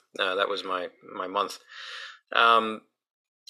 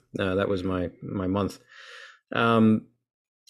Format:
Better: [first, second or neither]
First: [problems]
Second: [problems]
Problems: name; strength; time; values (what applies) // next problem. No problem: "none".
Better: second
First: thin; very; fading below 750 Hz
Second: none